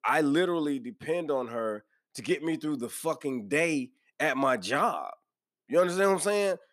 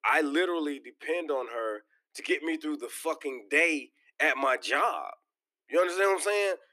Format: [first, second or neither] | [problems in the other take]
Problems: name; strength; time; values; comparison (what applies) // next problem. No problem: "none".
first | thin; very slightly; fading below 300 Hz